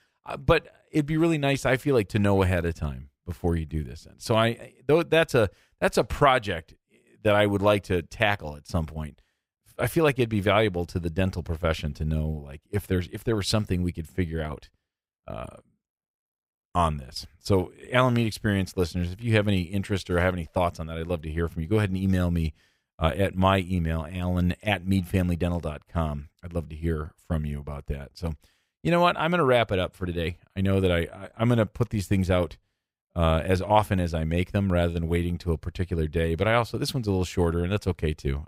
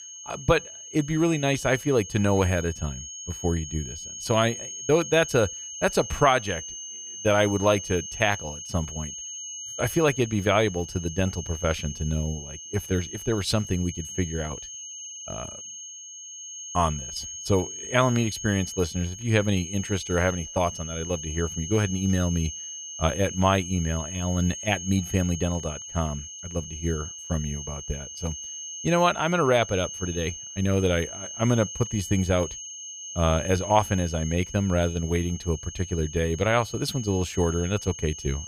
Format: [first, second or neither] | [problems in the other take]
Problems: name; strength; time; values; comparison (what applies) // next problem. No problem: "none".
first | high-pitched whine; loud; throughout; 6.5 kHz, 9 dB below the speech